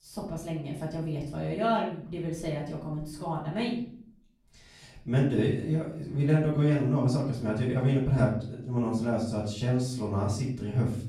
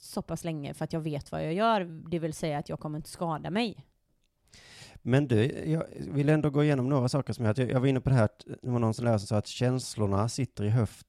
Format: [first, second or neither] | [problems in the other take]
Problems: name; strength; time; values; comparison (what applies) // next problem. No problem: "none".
second | room echo; noticeable; dies away in 0.5 s // off-mic speech; far